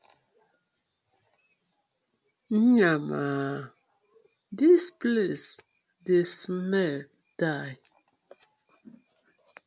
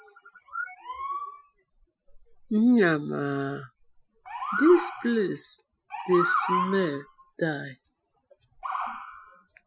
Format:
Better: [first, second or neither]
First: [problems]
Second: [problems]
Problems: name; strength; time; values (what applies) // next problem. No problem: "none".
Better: first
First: none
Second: noise reduction (classical method Wiener filter)